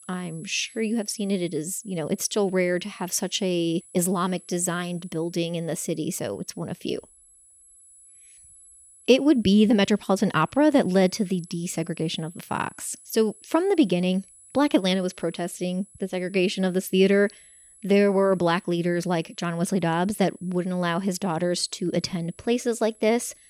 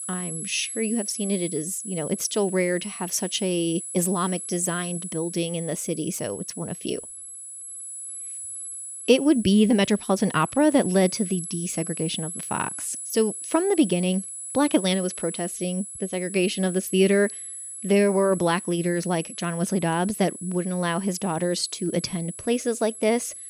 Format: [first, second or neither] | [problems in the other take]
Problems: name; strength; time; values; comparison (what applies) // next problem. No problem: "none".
first | high-pitched whine; loud; throughout; 10.5 kHz, 9 dB below the speech; faint in the first